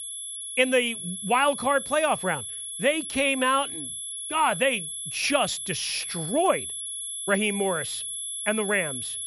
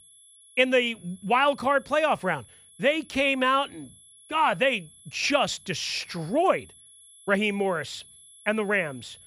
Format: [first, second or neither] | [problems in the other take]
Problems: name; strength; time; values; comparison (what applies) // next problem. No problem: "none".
second | high-pitched whine; loud; throughout; 11 kHz, 6 dB below the speech; faint in the second